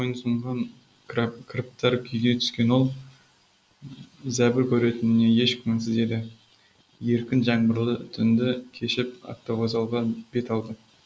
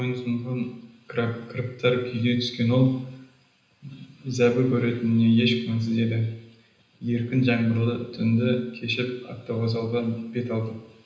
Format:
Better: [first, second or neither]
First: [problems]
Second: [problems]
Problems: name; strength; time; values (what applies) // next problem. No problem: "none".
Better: first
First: none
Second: room echo; dies away in 0.9 s